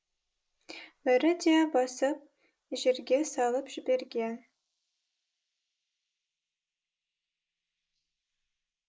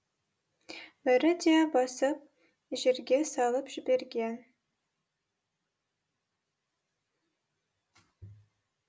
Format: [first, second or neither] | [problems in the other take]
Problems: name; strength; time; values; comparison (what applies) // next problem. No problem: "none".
second | noise reduction (neural mask model Resemble Enhance denoiser)